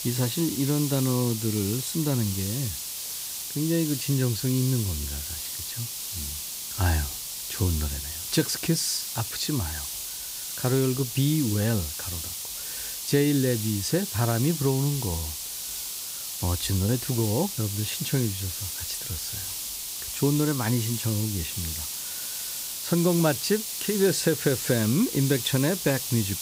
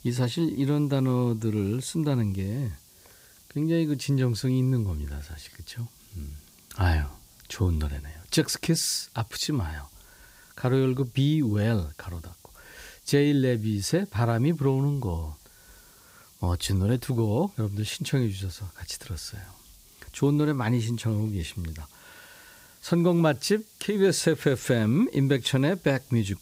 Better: second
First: hiss; loud; throughout; 4 dB below the speech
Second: hiss; faint; throughout; 25 dB below the speech

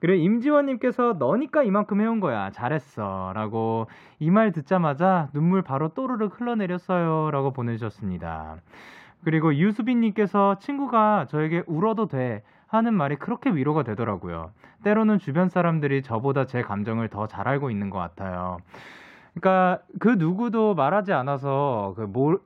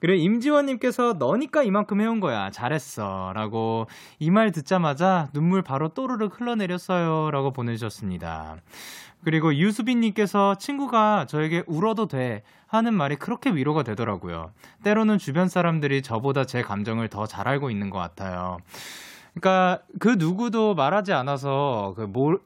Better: second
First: muffled; very; fading above 4 kHz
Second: none

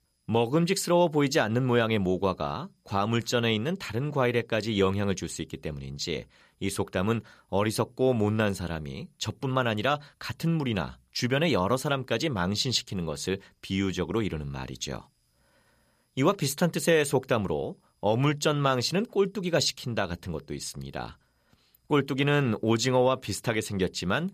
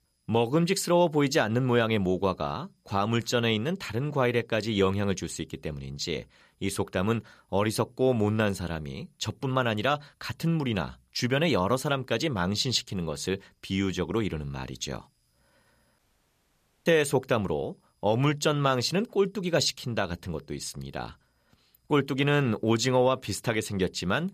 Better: first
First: none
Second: audio cutting out; at 16 s for 1 s

